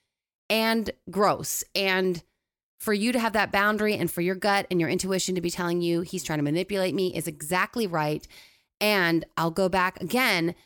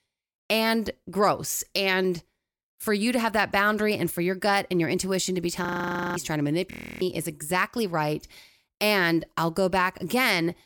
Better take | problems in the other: first | audio freezing; at 5.5 s for 0.5 s and at 6.5 s

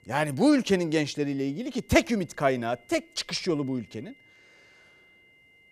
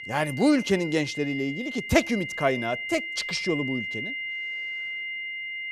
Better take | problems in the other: first | high-pitched whine; loud; throughout; 2 kHz, 6 dB below the speech; faint in the first

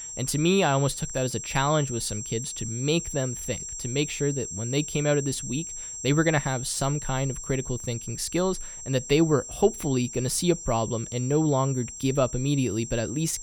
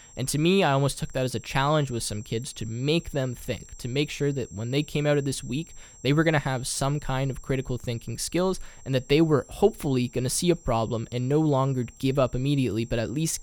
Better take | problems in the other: second | high-pitched whine; loud; throughout; 7.5 kHz, 8 dB below the speech; faint in the second

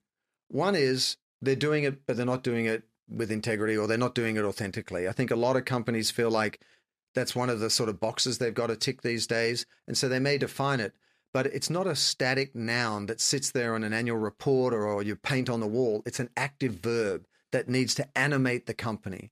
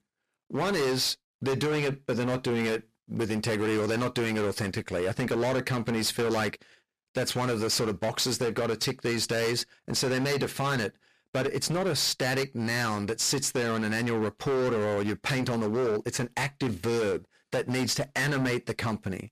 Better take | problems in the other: first | distortion; heavy; 23% of the sound clipped

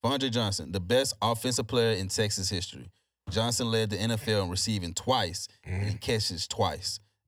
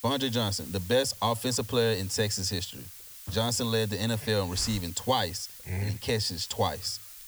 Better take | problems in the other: first | hiss; noticeable; throughout; 15 dB below the speech

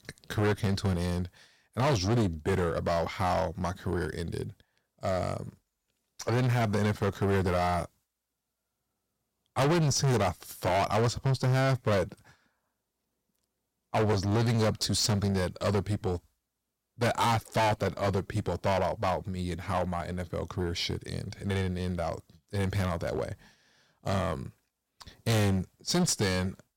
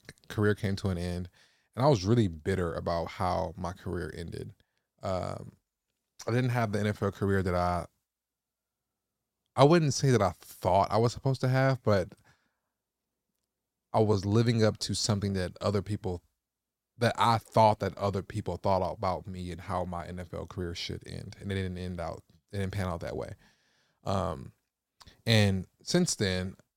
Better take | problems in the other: second | distortion; heavy; 11% of the sound clipped

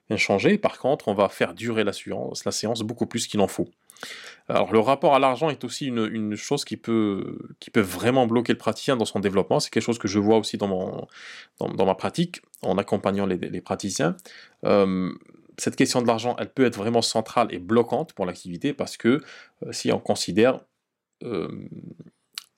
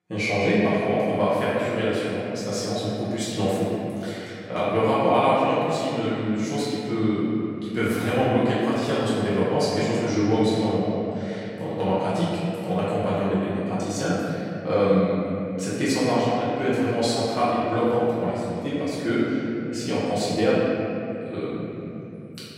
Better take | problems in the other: first | off-mic speech; far // room echo; strong; dies away in 3 s

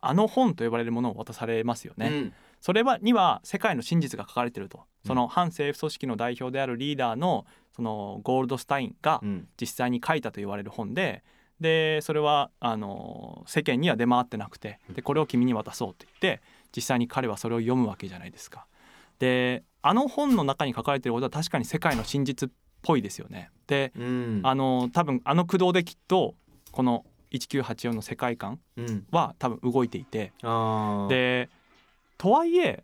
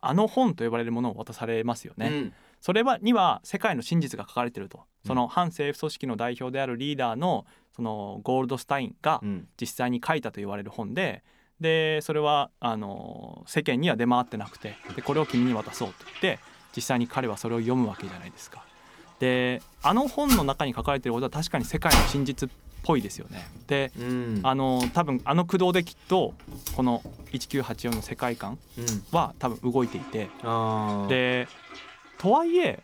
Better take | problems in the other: first | household noises; loud; from 15 s on; 7 dB below the speech; faint in the first

